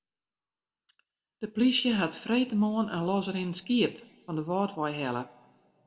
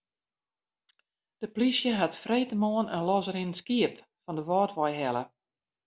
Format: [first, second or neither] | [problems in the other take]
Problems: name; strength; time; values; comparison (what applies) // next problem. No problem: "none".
second | room echo; dies away in 0.5 s